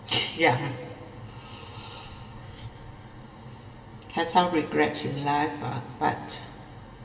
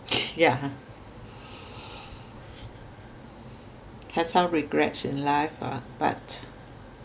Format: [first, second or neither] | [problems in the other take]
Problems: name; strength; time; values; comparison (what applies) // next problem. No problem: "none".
second | room echo; dies away in 2.4 s